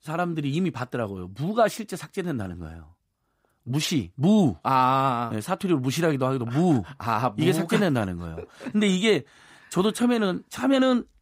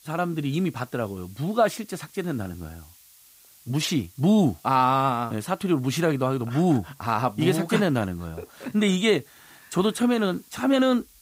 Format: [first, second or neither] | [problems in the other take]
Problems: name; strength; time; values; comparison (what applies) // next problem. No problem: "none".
first | hiss; faint; throughout; 25 dB below the speech